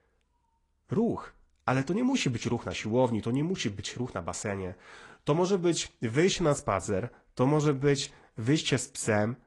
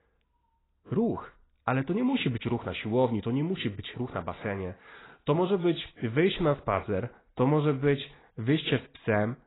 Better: first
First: garbled, watery; slightly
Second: garbled, watery; badly; nothing above 4 kHz

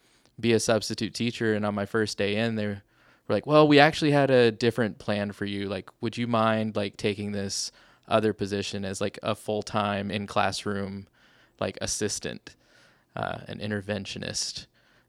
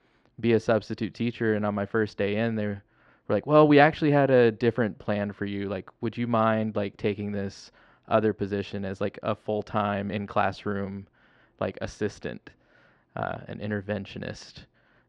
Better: first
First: none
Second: muffled; very; fading above 2 kHz

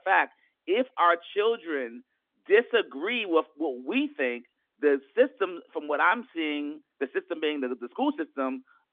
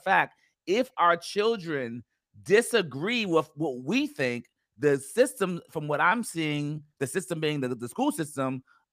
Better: second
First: phone-call audio; nothing above 3.5 kHz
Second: none

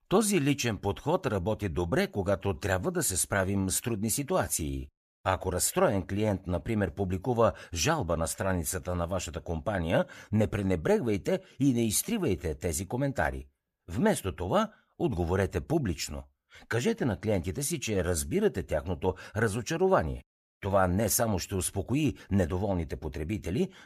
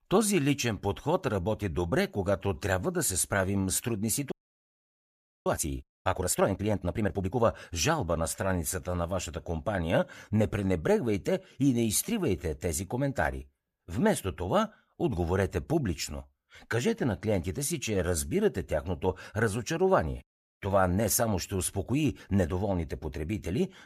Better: first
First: none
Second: audio freezing; at 4.5 s for 1 s

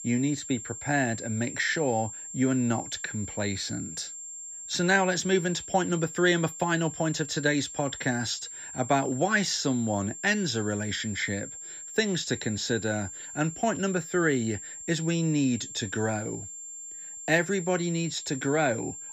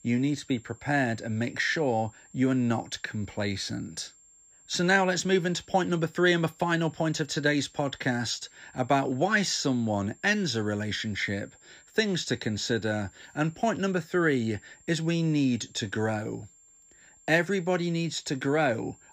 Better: second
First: high-pitched whine; loud; throughout; 7.5 kHz, 10 dB below the speech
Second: high-pitched whine; faint; throughout; 7.5 kHz, 25 dB below the speech

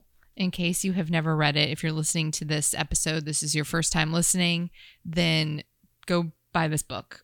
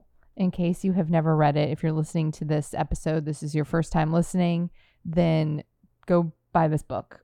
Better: first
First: none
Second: muffled; very; fading above 1.5 kHz

